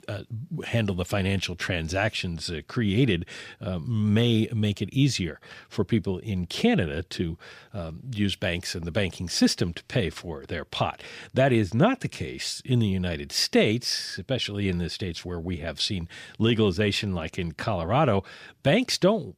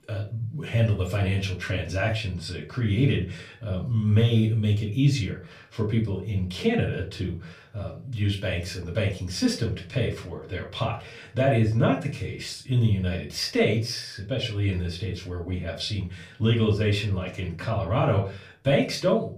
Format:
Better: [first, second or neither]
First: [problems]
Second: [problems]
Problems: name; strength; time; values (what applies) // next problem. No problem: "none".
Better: first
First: none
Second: room echo; slight; dies away in 0.3 s // off-mic speech; far